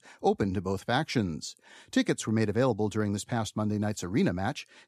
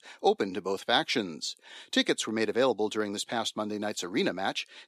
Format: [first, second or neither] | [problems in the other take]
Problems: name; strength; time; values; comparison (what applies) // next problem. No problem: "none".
first | thin; somewhat; fading below 350 Hz